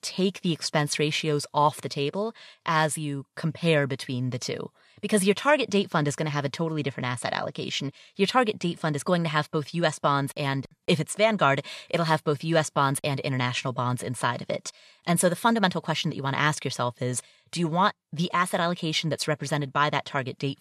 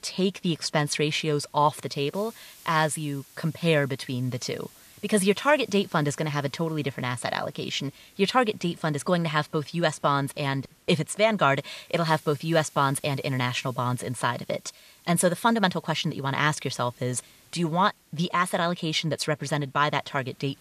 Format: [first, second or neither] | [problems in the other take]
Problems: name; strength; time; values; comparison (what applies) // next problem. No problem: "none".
first | hiss; faint; throughout; 25 dB below the speech